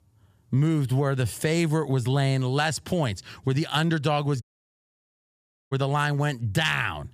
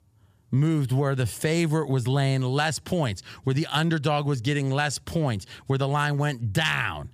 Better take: second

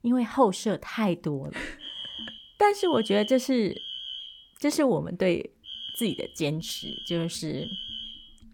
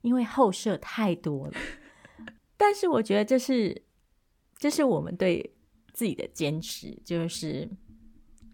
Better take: second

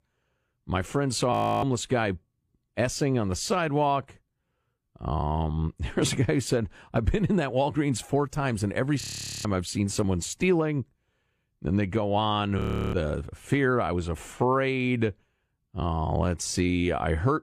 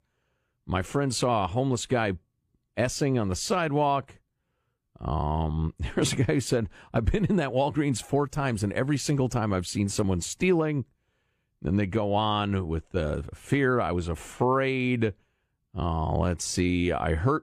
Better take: second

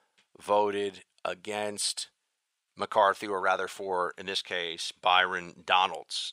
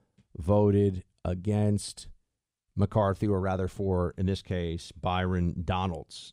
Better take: second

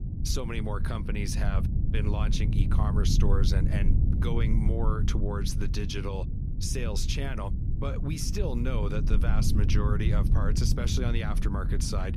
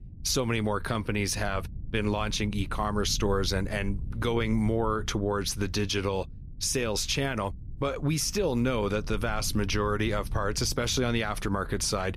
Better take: second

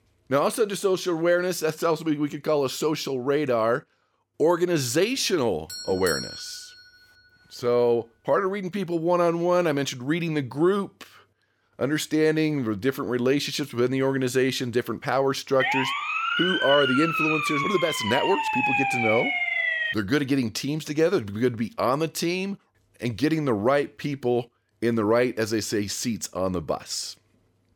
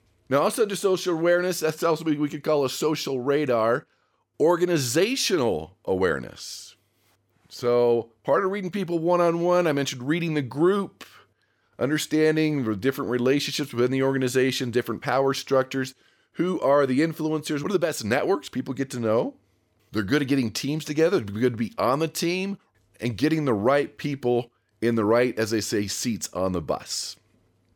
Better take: second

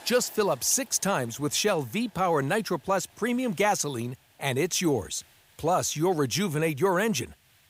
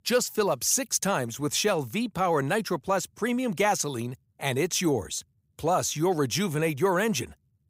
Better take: second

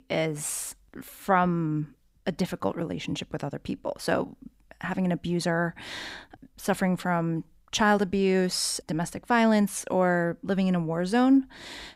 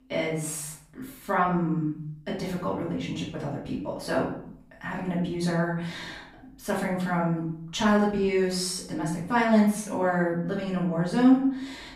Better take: first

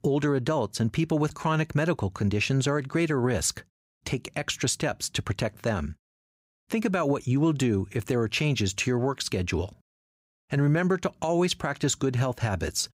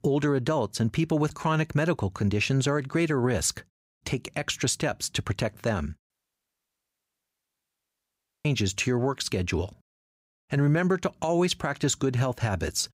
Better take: first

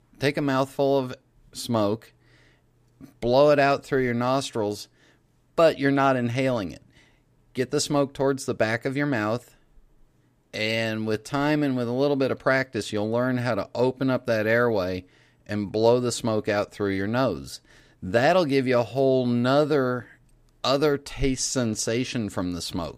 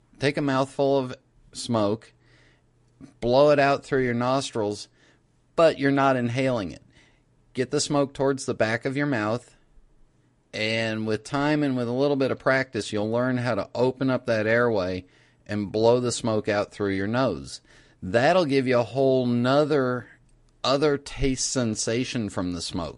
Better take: first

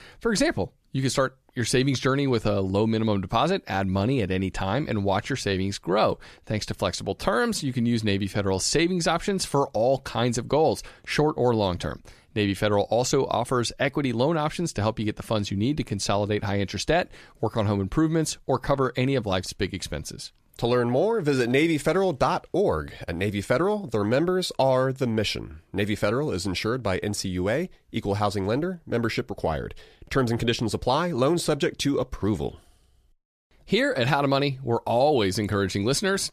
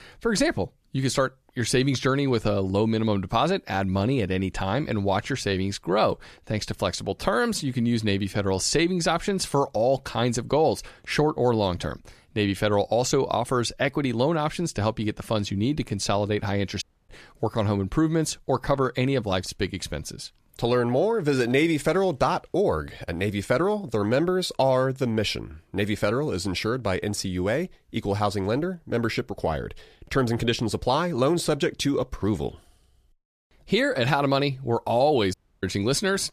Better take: first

